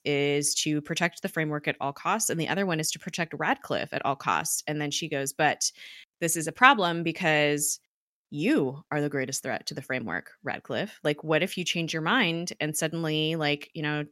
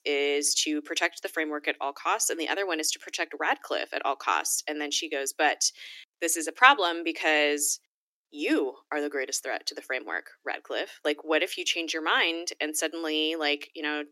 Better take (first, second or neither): first